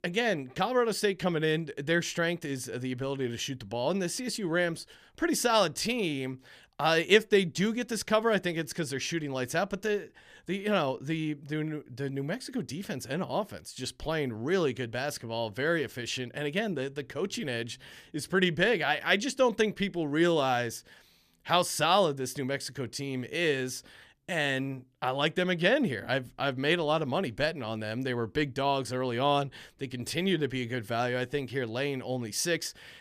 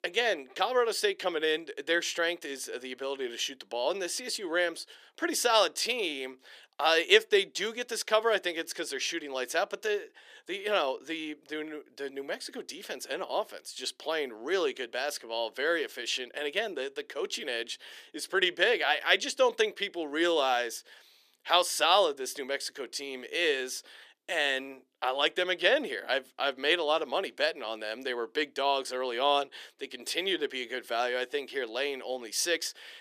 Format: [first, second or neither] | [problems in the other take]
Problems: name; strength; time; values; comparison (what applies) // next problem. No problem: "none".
first | thin; somewhat; fading below 350 Hz